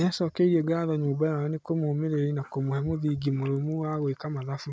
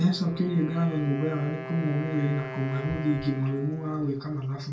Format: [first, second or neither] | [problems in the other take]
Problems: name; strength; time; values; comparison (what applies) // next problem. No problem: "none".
first | background sound (Wind instrument, woodwind instrument); 12 dB below the speech // room echo; dies away in 0.2 s